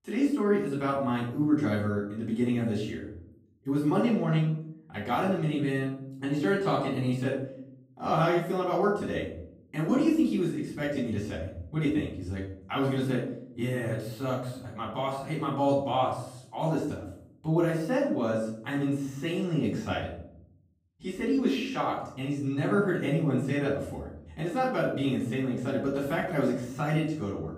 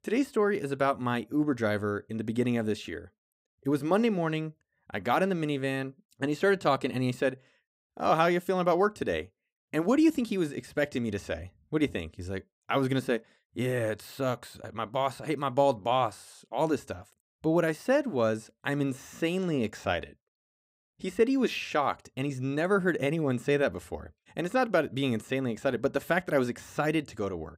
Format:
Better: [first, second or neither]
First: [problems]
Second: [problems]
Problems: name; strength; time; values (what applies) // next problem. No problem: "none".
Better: second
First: off-mic speech; far // room echo; noticeable; dies away in 0.7 s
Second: none